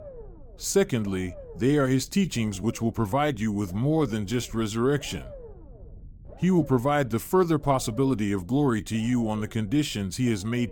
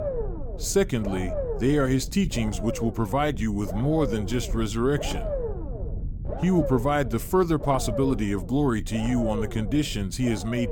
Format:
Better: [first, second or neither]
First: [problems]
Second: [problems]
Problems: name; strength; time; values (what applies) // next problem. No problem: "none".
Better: first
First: low rumble; faint; throughout; 20 dB below the speech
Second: low rumble; loud; throughout; 8 dB below the speech